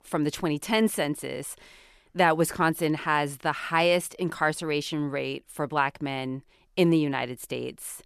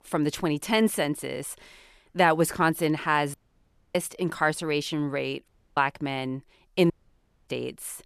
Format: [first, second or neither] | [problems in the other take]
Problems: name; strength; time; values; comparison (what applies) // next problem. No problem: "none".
first | audio cutting out; at 3.5 s for 0.5 s, at 5.5 s and at 7 s for 0.5 s